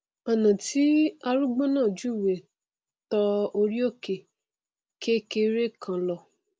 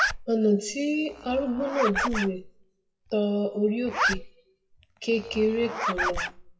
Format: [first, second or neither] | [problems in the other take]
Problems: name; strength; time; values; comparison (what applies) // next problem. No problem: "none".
first | noise reduction (classical method WPE with log-MMSE)